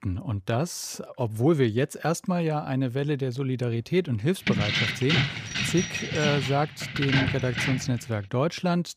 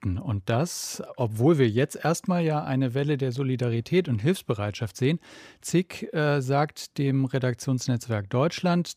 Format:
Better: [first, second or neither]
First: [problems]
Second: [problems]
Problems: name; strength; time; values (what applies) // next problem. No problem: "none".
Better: second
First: jangling keys; loud; from 4.5 to 8 s; peak 3 dB above the speech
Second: none